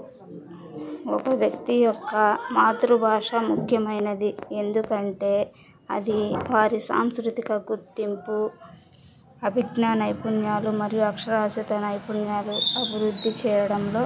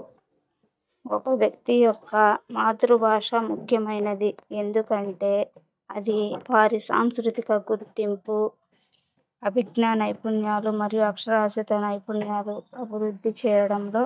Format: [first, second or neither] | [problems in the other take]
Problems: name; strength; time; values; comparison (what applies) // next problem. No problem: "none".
first | noise reduction (neural mask model DeepFilterNet 3)